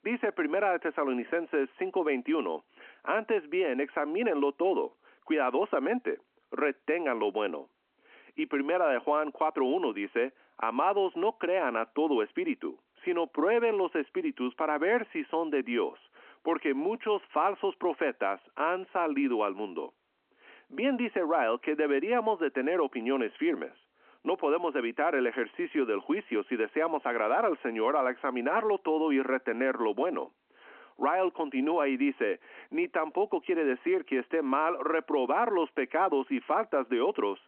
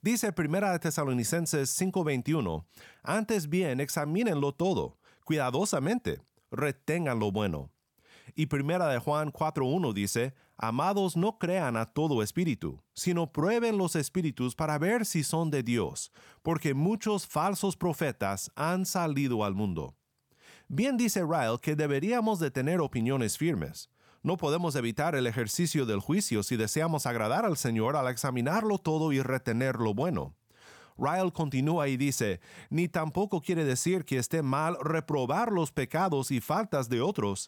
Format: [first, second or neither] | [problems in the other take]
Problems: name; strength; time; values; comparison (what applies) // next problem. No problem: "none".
second | phone-call audio